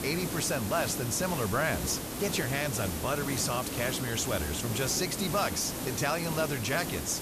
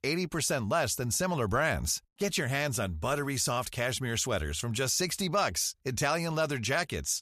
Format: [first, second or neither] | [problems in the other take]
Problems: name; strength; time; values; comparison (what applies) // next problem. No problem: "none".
second | hiss; loud; throughout; 4 dB below the speech